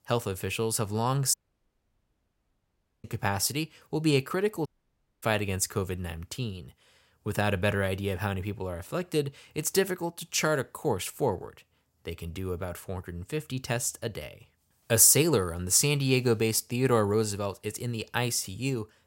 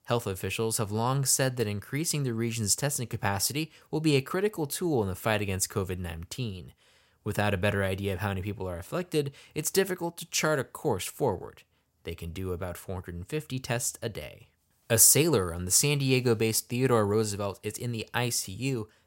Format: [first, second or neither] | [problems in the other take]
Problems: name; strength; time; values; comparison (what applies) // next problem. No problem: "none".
second | audio cutting out; at 1.5 s for 1.5 s and at 4.5 s for 0.5 s